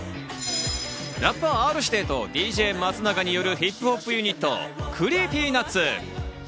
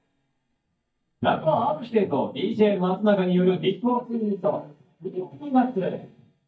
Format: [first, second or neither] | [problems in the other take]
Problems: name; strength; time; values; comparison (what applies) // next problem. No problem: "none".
first | noise reduction (neural mask model DeepFilterNet 3)